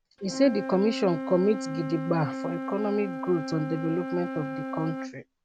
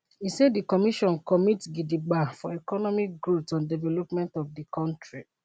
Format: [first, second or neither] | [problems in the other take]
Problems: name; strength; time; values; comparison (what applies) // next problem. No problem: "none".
second | background sound (Wind instrument, woodwind instrument); 6 dB below the speech